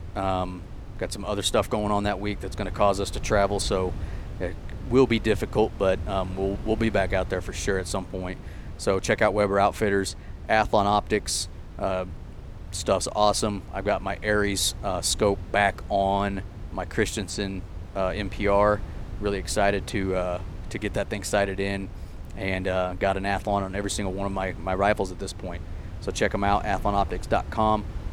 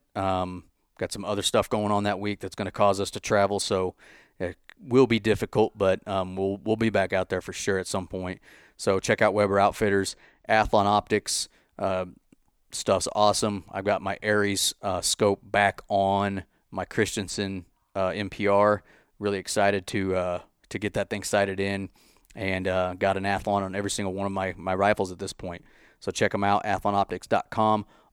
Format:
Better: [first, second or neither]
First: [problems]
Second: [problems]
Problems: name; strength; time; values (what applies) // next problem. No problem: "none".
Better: second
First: wind noise on the microphone; occasional gusts; 20 dB below the speech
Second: none